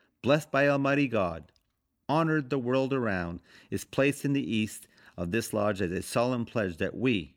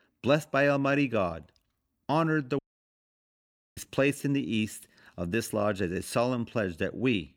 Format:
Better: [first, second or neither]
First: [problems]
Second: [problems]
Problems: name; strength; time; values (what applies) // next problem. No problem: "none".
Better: first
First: none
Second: audio cutting out; at 2.5 s for 1 s